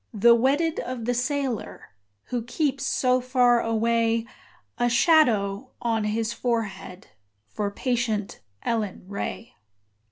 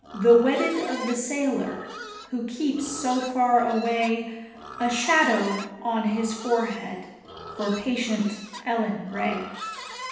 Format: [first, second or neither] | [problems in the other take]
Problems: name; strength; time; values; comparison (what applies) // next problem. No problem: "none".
first | background sound (Livestock, farm animals, working animals); 14 dB below the speech // room echo; dies away in 0.9 s